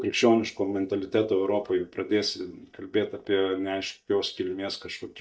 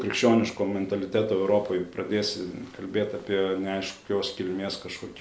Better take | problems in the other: second | noise reduction (neural mask model DeepFilterNet 3)

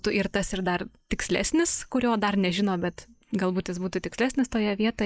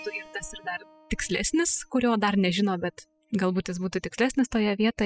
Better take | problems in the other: first | noise reduction (classical method spectral subtraction)

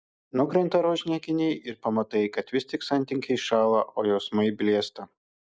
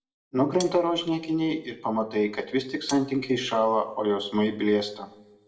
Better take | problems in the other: first | background sound (Cutlery, silverware); 16 dB below the speech // room echo; dies away in 0.6 s

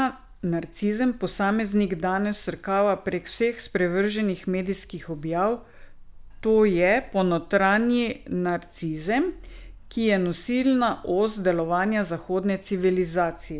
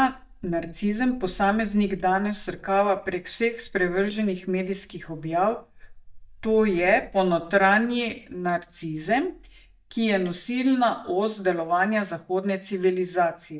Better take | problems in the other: first | noise reduction (neural mask model DeepFilterNet 3)

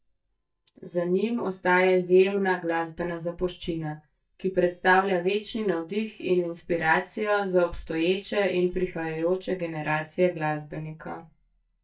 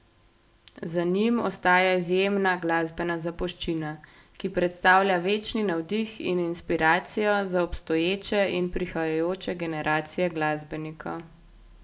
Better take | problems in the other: second | noise reduction (neural mask model DeepFilterNet 3)

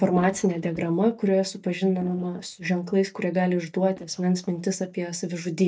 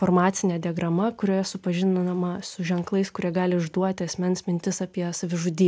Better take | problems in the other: second | noise reduction (neural mask model DeepFilterNet 3)

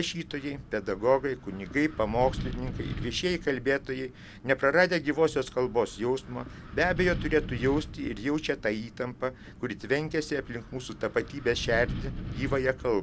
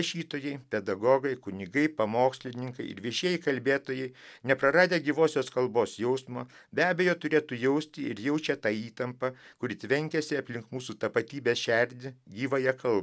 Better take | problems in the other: second | background sound (Wind); 10 dB below the speech

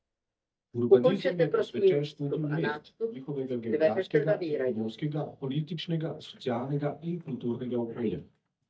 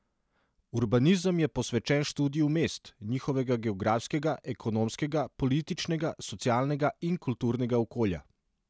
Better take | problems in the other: second | noise reduction (neural mask model DeepFilterNet 3)

